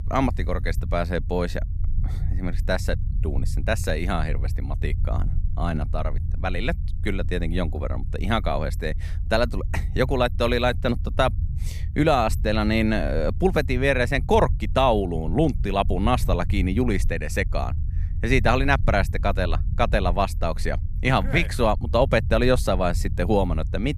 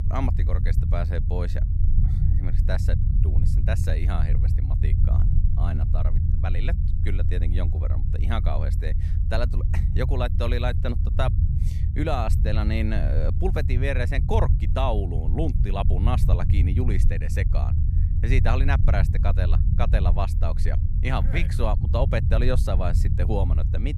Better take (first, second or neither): first